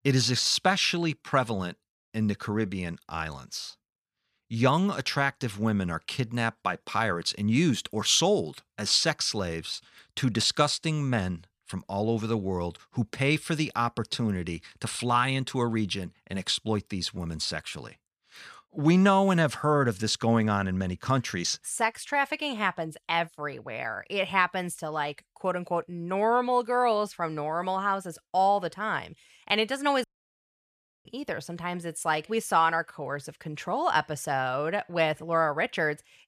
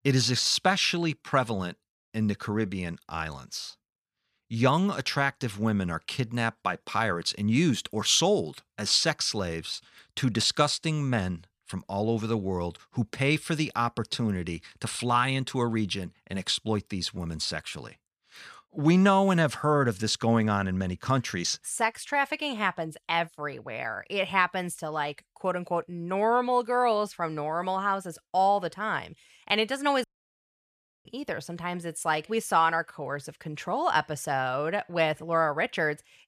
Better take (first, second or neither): neither